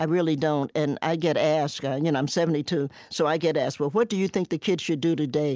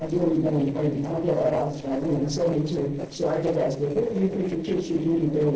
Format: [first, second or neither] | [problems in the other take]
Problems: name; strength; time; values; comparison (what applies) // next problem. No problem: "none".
first | noise reduction (neural separator model SepFormer DNS4)